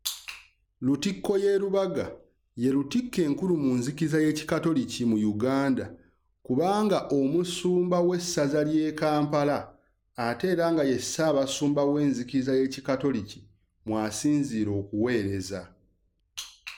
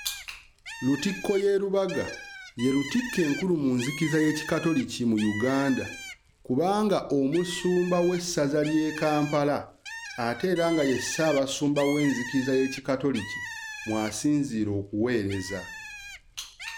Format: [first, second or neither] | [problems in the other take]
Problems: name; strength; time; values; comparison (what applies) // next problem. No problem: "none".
first | background sound (Bird); 13 dB below the speech